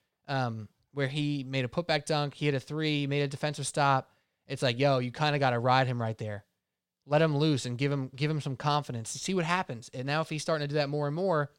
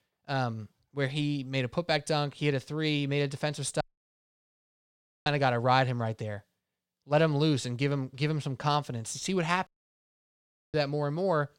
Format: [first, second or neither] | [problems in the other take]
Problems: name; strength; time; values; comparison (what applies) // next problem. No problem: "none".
first | audio cutting out; at 4 s for 1.5 s and at 9.5 s for 1 s